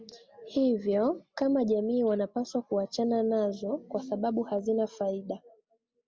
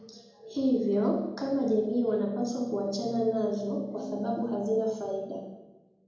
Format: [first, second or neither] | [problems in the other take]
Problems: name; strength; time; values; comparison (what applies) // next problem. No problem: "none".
first | room echo; dies away in 0.9 s